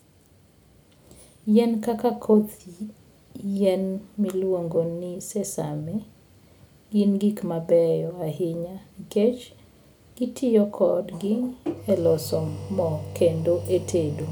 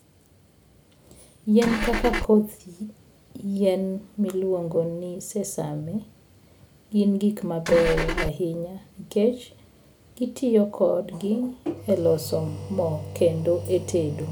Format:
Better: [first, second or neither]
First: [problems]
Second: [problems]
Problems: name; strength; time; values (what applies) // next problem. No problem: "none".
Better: first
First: none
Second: background sound (Engine / Car); 1 dB below the speech